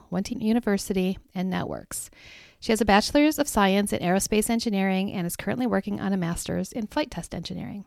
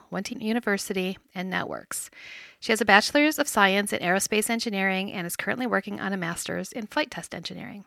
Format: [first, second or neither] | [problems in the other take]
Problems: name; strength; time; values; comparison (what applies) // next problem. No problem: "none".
first | thin; very slightly; fading below 600 Hz